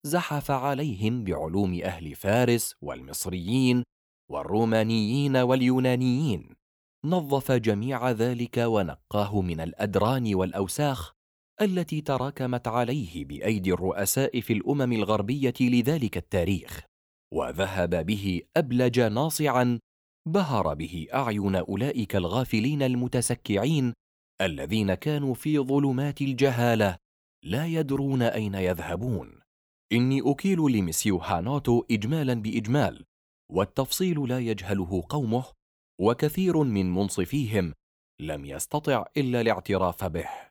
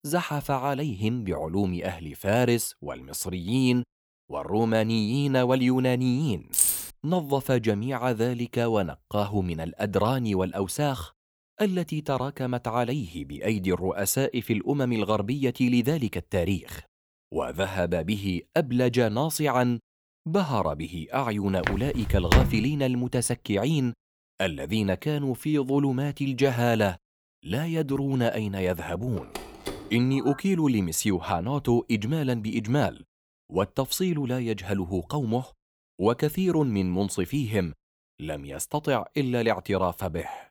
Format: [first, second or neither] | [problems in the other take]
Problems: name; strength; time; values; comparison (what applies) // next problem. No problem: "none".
first | jangling keys; loud; at 6.5 s; peak 5 dB above the speech // footsteps; loud; at 22 s; peak 4 dB above the speech // phone ringing; faint; from 29 to 30 s; peak 10 dB below the speech